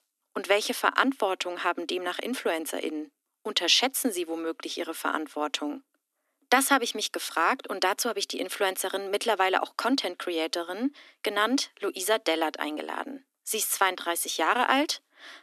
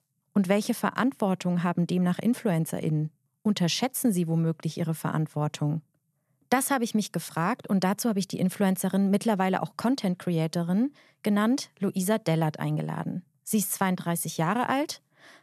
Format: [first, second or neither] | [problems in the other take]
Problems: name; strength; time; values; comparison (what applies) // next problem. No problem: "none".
second | thin; somewhat; fading below 250 Hz